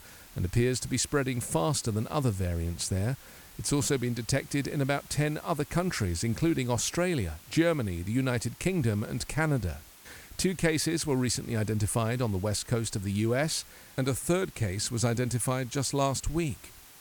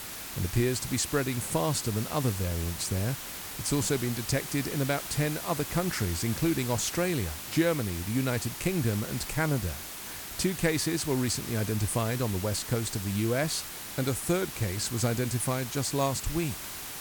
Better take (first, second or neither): first